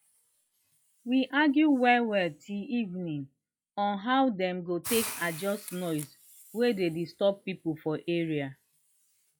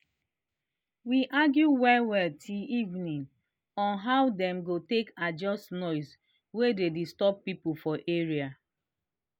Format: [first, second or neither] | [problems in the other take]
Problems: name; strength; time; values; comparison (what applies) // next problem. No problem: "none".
second | noise reduction (classical method log-MMSE)